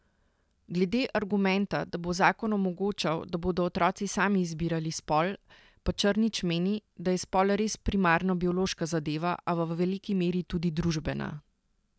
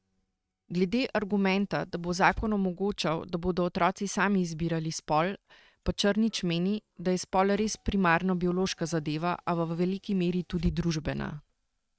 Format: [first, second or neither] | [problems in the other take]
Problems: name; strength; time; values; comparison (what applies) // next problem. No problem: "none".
first | noise reduction (neural mask model RNNoise)